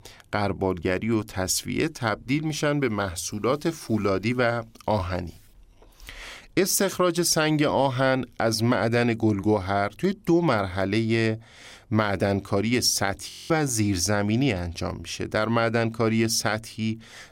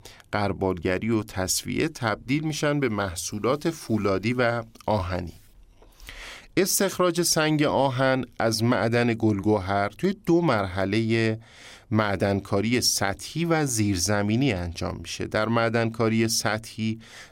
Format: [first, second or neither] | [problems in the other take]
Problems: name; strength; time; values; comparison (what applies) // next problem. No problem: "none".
second | audio freezing; at 13 s